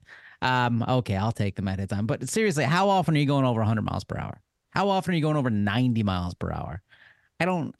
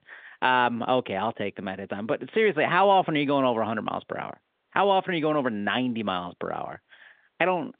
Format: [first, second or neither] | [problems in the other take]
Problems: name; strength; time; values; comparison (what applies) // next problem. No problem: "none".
first | phone-call audio